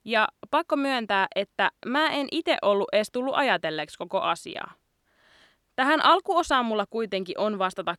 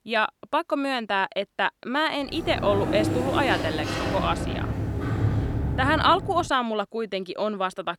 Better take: first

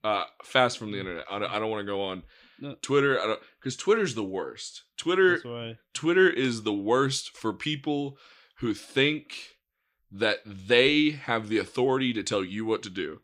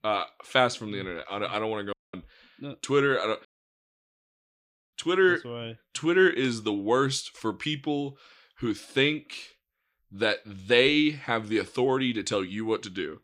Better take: first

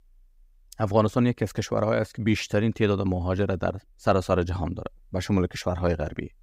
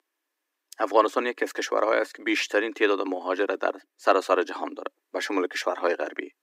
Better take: first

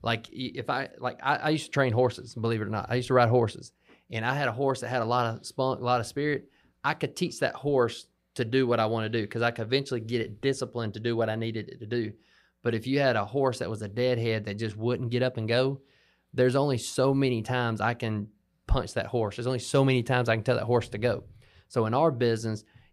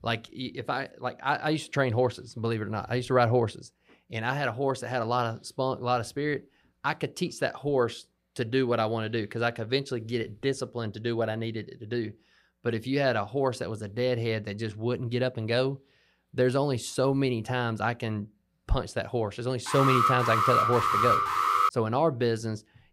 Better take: first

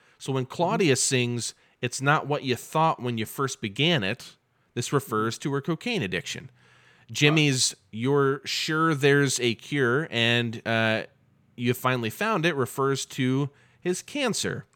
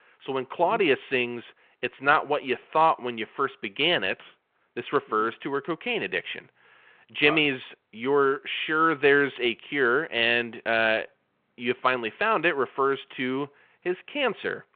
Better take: first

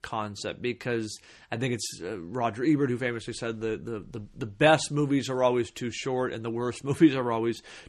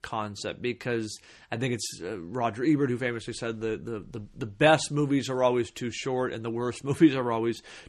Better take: neither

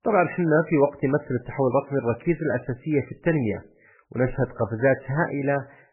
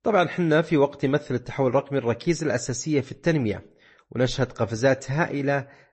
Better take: second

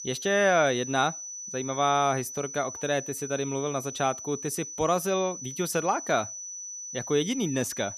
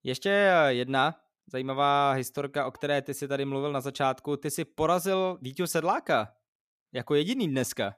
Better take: second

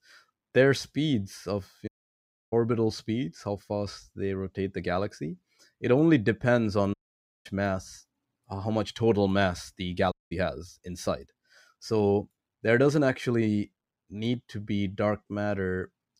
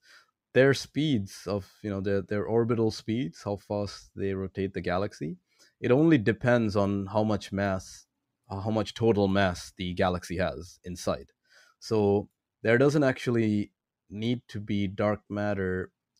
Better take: second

